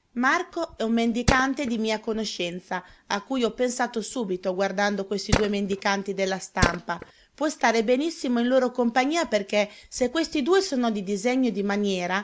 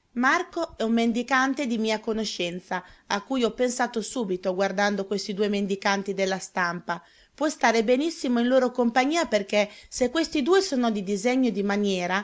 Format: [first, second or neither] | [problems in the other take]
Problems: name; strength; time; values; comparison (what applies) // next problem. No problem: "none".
second | background sound (Tools); 1 dB below the speech